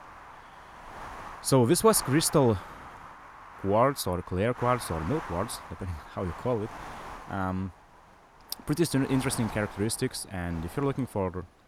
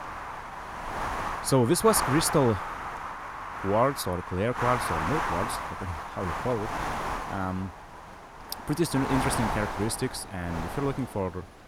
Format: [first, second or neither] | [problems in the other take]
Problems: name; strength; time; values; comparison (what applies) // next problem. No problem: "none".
first | wind noise on the microphone; heavy; 2 dB below the speech; occasional gusts in the first